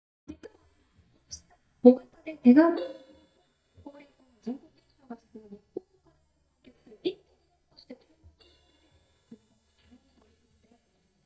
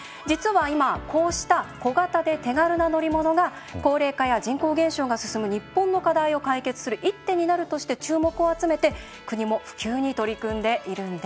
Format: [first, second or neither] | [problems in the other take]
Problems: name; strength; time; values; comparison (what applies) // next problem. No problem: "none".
second | noise reduction (neural mask model DeepFilterNet 3)